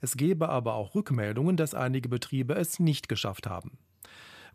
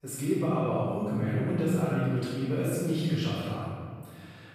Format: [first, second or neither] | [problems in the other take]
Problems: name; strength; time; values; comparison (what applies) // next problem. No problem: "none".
first | off-mic speech; far // room echo; strong; dies away in 1.8 s